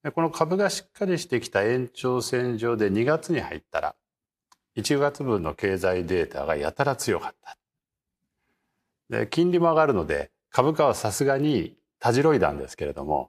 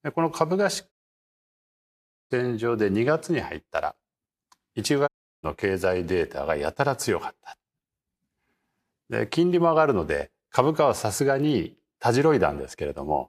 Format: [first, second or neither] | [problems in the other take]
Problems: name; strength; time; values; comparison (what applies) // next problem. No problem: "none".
first | audio cutting out; at 1 s for 1.5 s and at 5 s